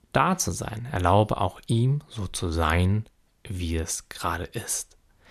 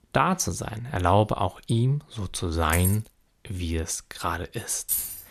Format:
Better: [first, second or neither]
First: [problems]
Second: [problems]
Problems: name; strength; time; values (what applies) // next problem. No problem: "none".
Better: first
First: none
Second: jangling keys; noticeable; at 2.5 s and at 5 s; peak level with the speech